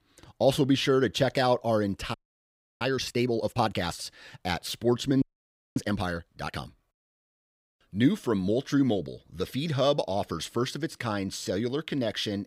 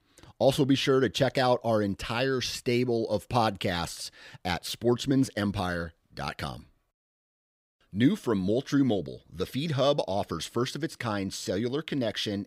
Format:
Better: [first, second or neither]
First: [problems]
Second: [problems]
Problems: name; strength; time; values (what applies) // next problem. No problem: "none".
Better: second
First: audio freezing; at 2 s for 0.5 s and at 5 s for 0.5 s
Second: none